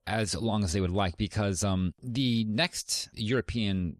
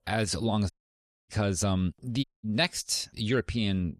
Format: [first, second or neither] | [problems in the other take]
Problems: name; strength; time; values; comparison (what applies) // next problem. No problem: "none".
first | audio cutting out; at 0.5 s for 0.5 s and at 2 s